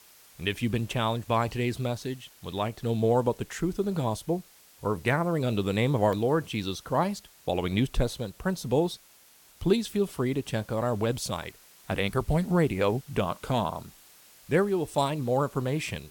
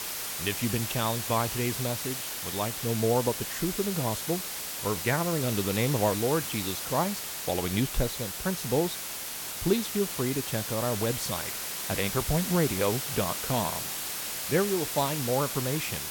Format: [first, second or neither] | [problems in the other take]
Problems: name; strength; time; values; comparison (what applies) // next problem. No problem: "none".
first | hiss; loud; throughout; 2 dB below the speech; faint in the first